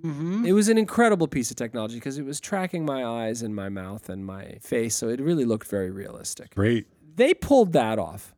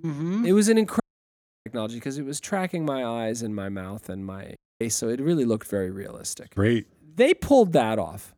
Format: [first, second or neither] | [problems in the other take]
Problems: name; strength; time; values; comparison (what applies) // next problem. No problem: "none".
first | audio cutting out; at 1 s for 0.5 s and at 4.5 s